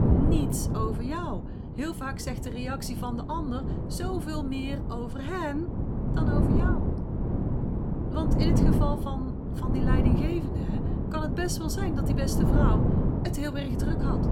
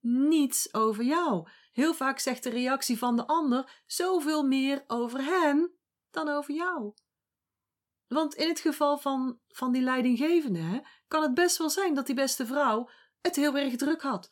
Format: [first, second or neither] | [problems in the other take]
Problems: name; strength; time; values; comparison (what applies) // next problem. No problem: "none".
second | wind noise on the microphone; heavy; 1 dB below the speech